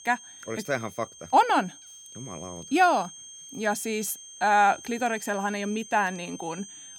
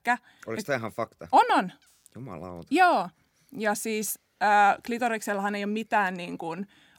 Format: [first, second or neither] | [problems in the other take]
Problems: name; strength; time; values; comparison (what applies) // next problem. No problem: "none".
second | high-pitched whine; noticeable; throughout; 6.5 kHz, 15 dB below the speech